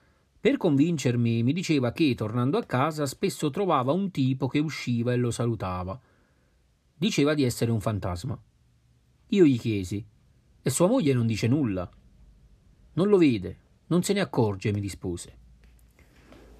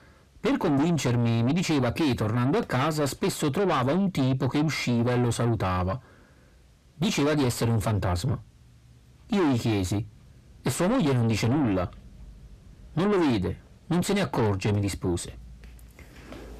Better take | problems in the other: first | distortion; heavy; 6 dB below the speech

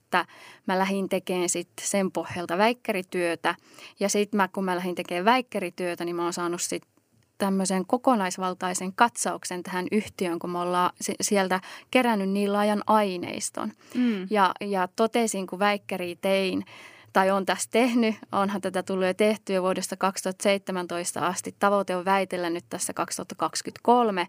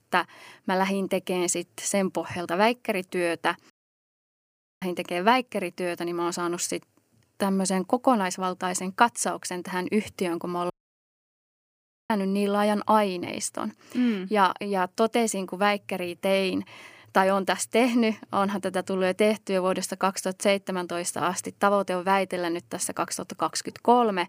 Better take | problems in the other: first | audio cutting out; at 3.5 s for 1 s and at 11 s for 1.5 s

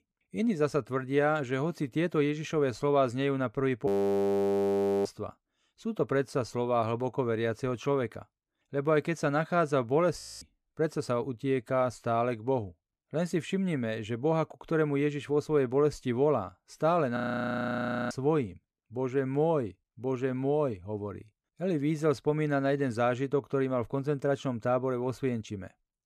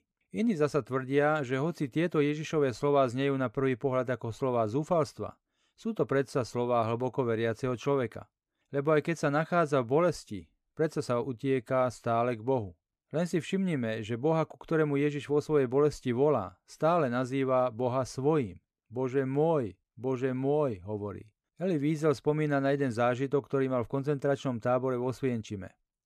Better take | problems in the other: second | audio freezing; at 4 s for 1 s, at 10 s and at 17 s for 1 s

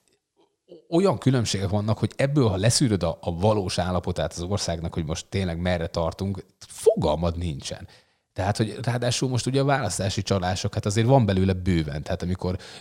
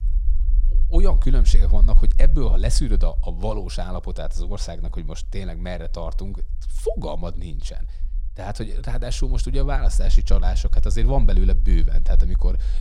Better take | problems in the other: first | low rumble; noticeable; throughout; 15 dB below the speech

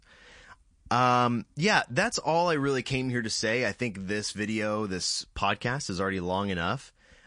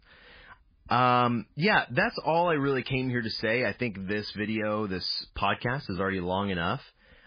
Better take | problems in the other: first | garbled, watery; badly; nothing above 5 kHz; slightly in the first

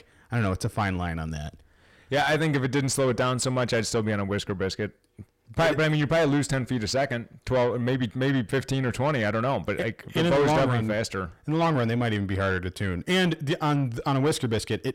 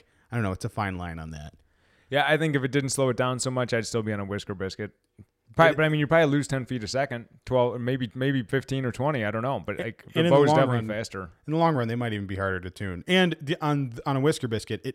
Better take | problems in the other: second | distortion; heavy; 7 dB below the speech

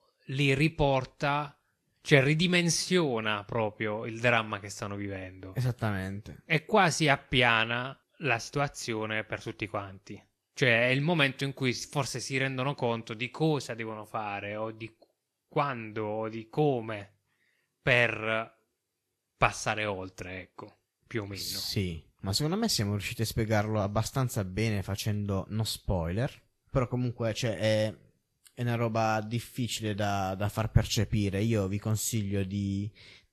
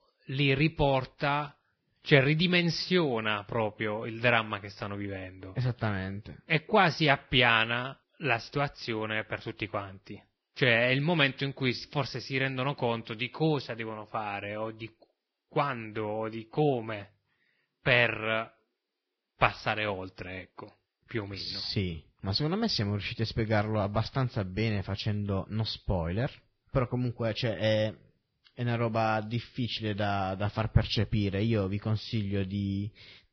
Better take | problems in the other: first | garbled, watery; badly; nothing above 5.5 kHz; slightly in the first

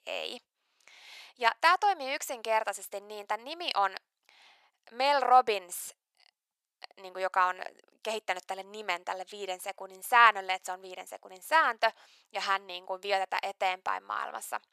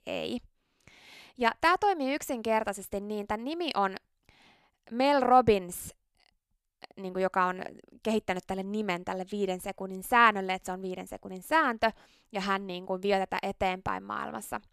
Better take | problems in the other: second | thin; very; fading below 750 Hz

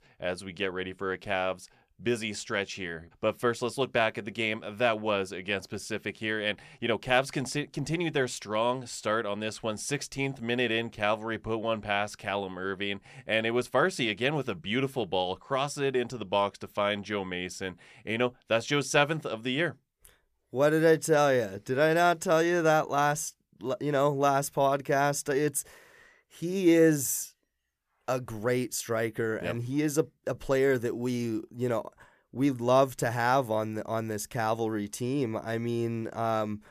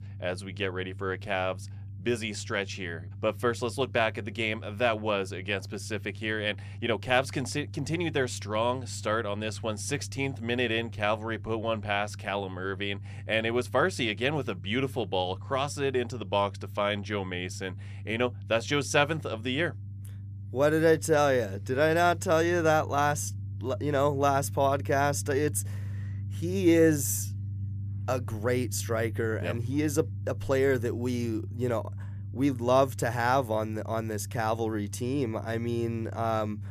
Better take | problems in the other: first | low rumble; faint; throughout; 25 dB below the speech

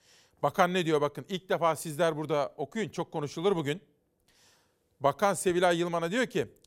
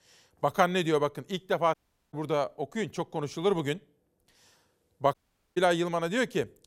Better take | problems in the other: first | audio cutting out; at 1.5 s and at 5 s

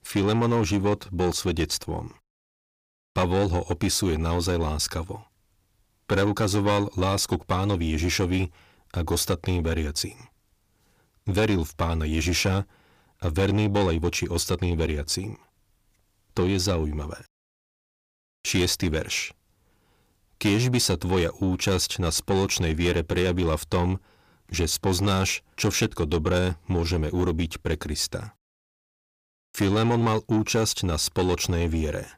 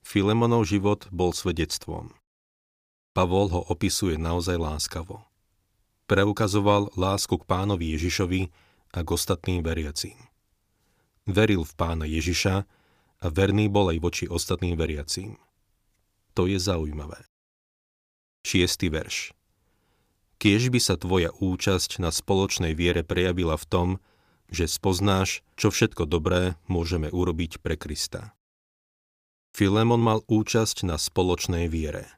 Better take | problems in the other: second | distortion; slight; 10 dB below the speech

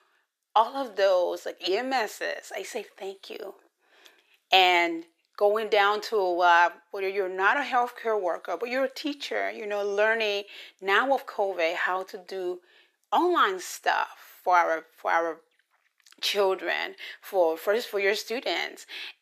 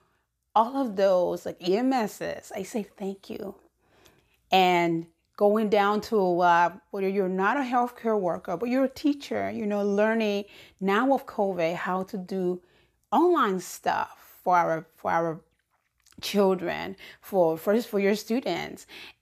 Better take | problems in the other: second | thin; somewhat; fading below 350 Hz

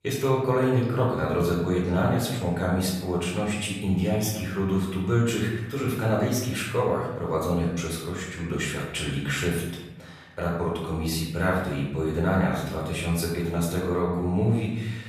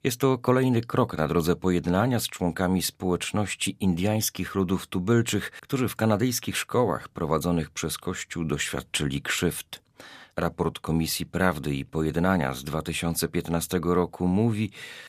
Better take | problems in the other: second | off-mic speech; far // room echo; noticeable; dies away in 0.9 s

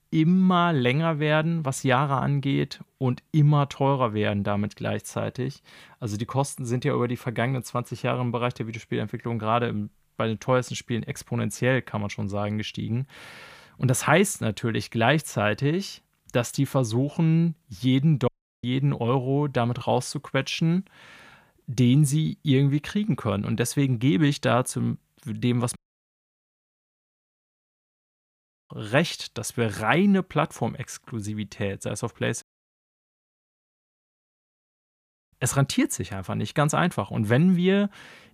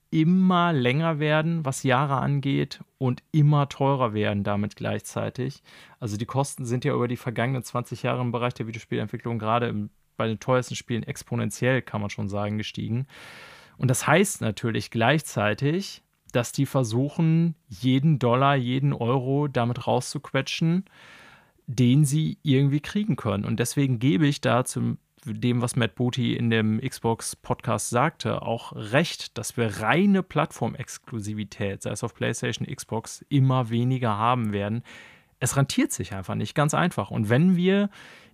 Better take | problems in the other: second | audio cutting out; at 18 s, at 26 s for 3 s and at 32 s for 3 s

